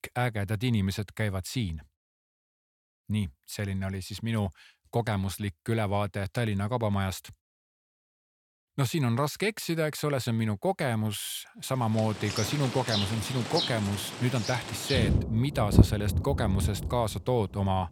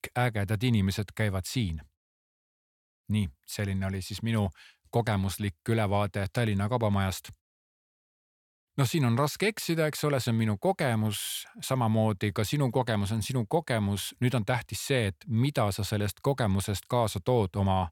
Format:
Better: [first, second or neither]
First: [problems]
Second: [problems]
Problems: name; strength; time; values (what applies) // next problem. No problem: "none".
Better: second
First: rain or running water; loud; from 12 s on; as loud as the speech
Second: none